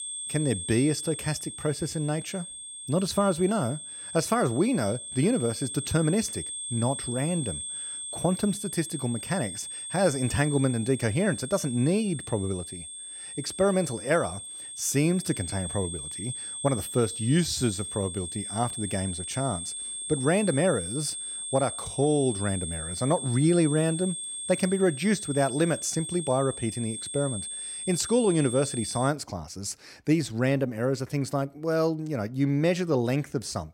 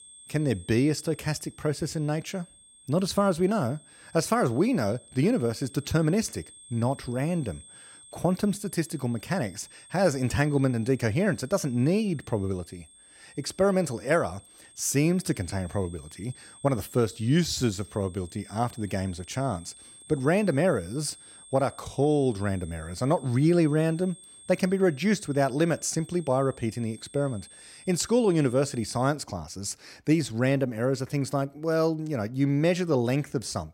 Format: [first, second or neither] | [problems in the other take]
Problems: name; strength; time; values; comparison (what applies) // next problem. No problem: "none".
second | high-pitched whine; loud; until 29 s; 8.5 kHz, 7 dB below the speech; faint in the second